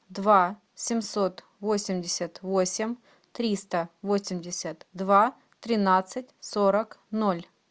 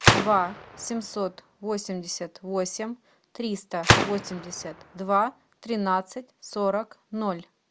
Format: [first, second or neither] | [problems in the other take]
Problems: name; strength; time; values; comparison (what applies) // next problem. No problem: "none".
first | background sound (Gunshot, gunfire); as loud as the speech